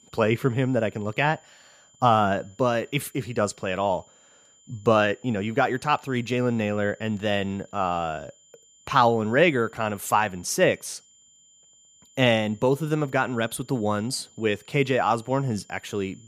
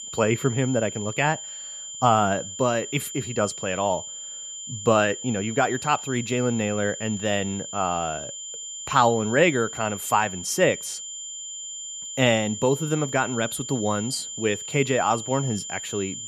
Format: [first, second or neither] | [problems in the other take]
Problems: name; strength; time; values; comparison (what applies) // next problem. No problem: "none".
first | high-pitched whine; loud; throughout; 7 kHz, 9 dB below the speech; faint in the first